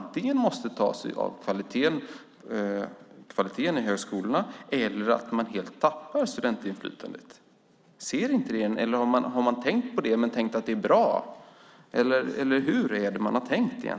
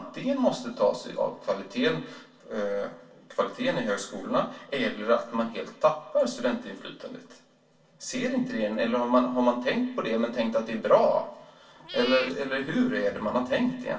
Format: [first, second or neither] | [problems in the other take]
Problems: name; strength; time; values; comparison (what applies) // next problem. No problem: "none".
first | background sound (Meow / Purr); 14 dB below the speech // room echo; dies away in 0.2 s